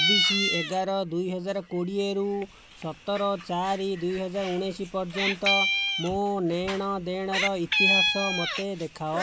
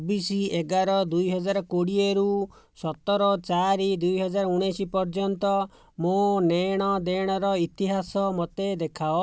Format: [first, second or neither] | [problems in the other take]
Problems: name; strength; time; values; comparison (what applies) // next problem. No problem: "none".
second | background sound (Meow); 1 dB below the speech